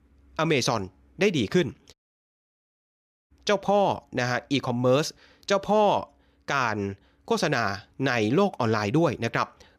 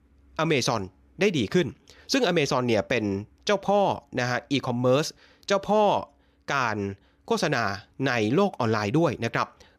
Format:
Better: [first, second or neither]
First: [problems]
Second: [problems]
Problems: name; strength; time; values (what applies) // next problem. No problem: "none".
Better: second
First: audio cutting out; at 2 s for 1.5 s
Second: none